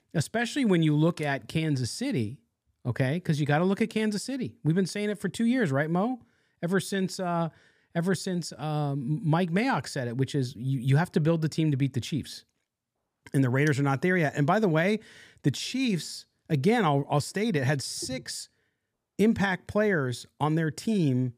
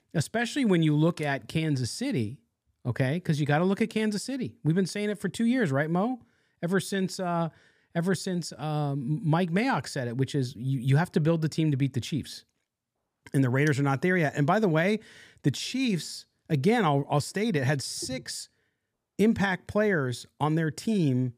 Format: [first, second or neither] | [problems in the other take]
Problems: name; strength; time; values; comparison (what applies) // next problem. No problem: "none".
neither | none